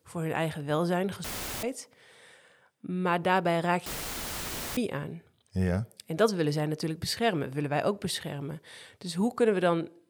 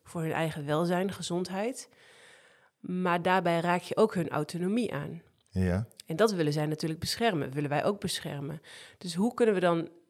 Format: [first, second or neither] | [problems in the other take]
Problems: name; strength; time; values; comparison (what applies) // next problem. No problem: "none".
second | audio cutting out; filled with static; at 1 s and at 4 s for 1 s